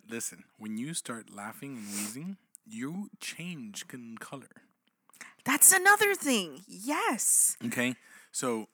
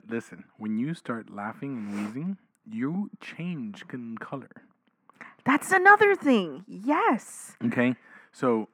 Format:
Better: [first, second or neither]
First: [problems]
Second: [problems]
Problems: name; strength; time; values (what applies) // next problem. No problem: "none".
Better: first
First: none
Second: muffled; very; fading above 3.5 kHz